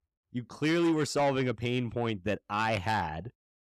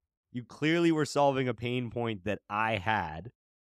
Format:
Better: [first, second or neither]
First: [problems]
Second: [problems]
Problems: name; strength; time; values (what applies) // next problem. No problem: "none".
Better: second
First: distortion; slight; 10 dB below the speech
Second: none